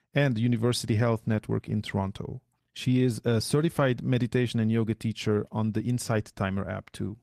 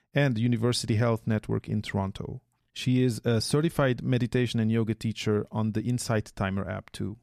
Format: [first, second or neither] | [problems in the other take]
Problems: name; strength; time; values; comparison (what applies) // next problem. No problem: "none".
second | garbled, watery; slightly; nothing above 14 kHz